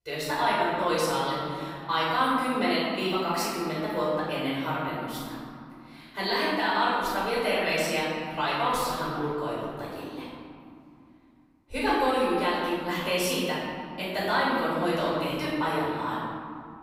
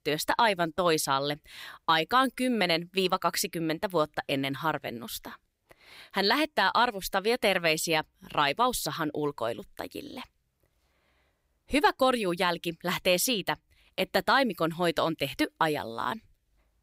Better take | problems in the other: second | off-mic speech; far // room echo; strong; dies away in 2.5 s

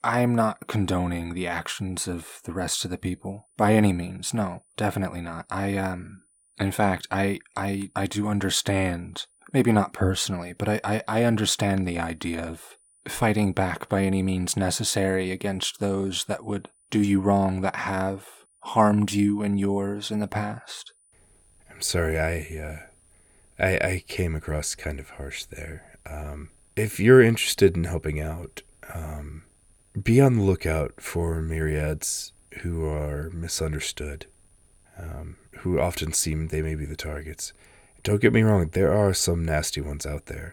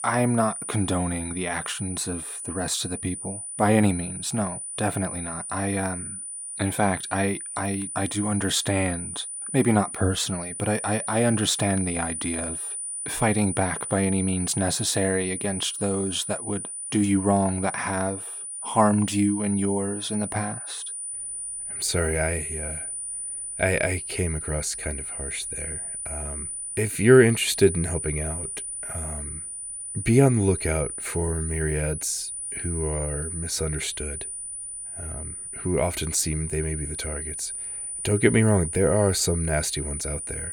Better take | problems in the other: first | high-pitched whine; loud; throughout; 9.5 kHz, 6 dB below the speech; faint in the first

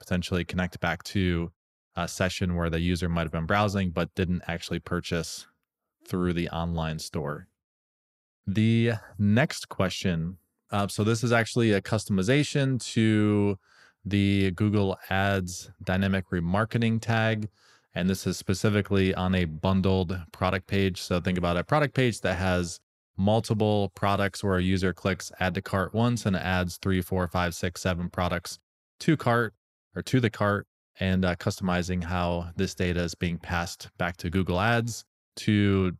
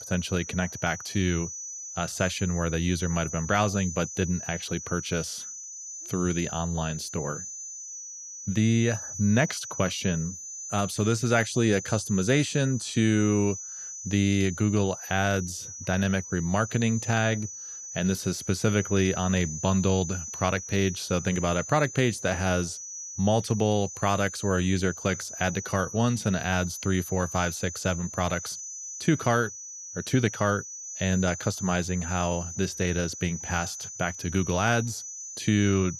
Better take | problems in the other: first | high-pitched whine; loud; throughout; 6 kHz, 9 dB below the speech

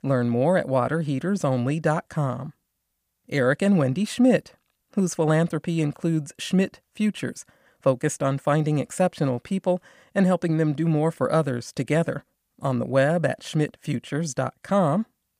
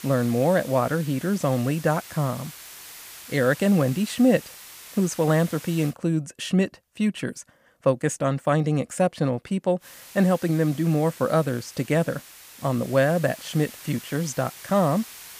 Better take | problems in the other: first | hiss; noticeable; until 6 s and from 10 s on; 15 dB below the speech

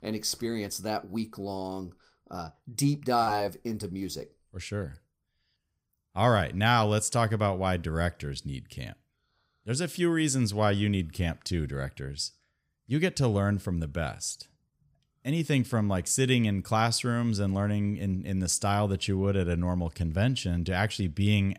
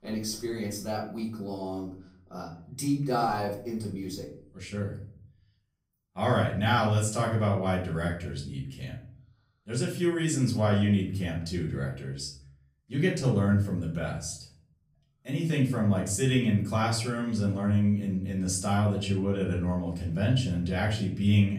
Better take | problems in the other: first | room echo; slight; dies away in 0.5 s // off-mic speech; far

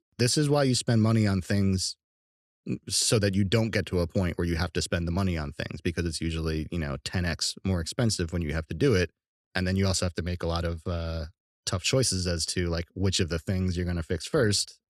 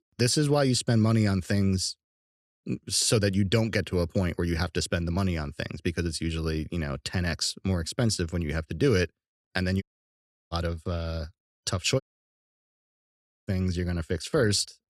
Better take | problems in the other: first | audio cutting out; at 10 s for 0.5 s and at 12 s for 1.5 s

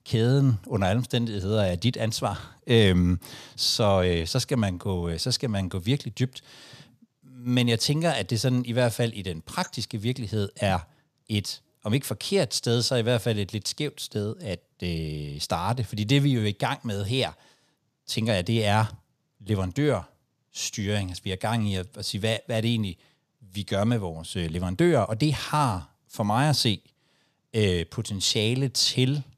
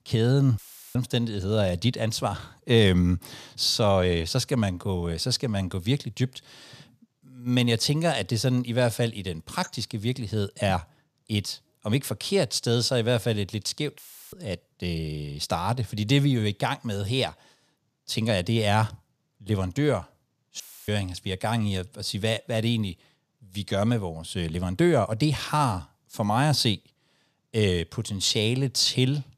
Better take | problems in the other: first | audio cutting out; filled with static; at 0.5 s, at 14 s and at 21 s

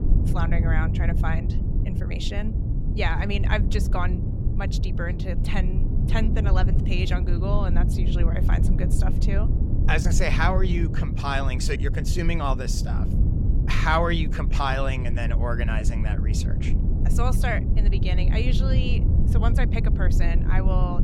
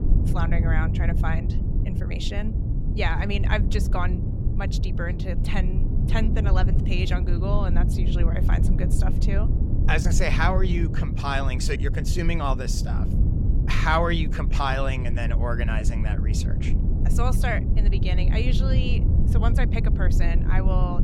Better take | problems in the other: neither | low rumble; loud; throughout; 8 dB below the speech; the same in both

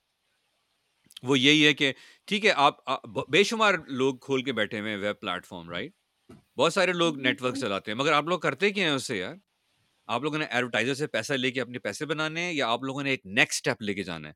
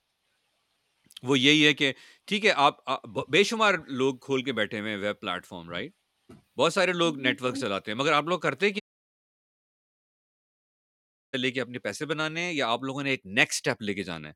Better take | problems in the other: first | audio cutting out; at 9 s for 2.5 s

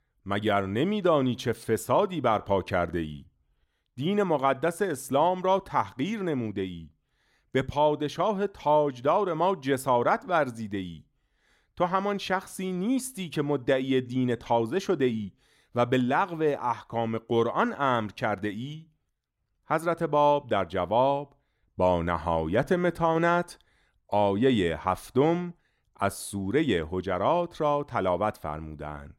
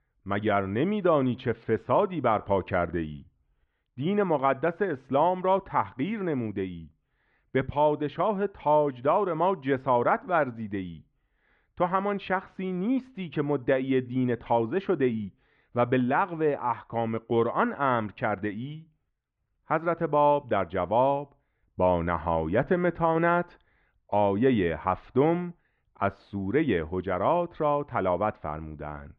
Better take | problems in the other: first | muffled; very; fading above 2.5 kHz

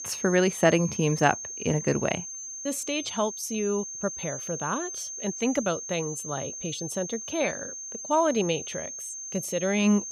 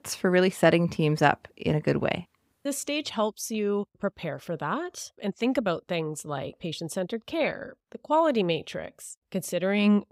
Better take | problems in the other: second | high-pitched whine; loud; throughout; 6.5 kHz, 7 dB below the speech

